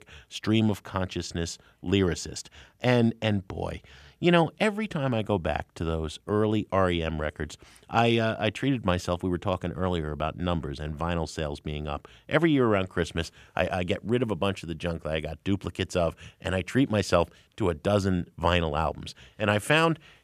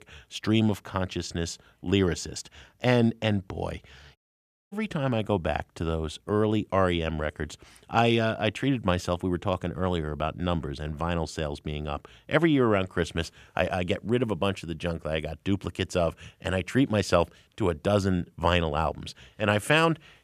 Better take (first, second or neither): first